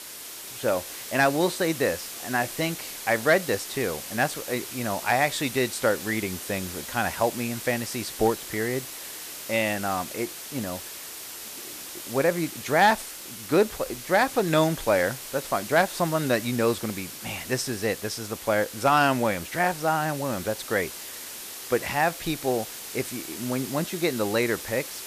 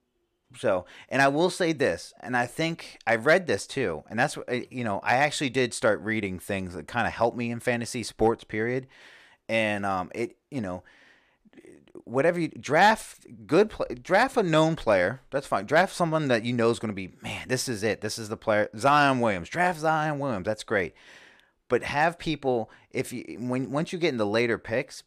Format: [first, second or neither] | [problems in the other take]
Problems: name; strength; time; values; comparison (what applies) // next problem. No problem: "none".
second | hiss; loud; throughout; 9 dB below the speech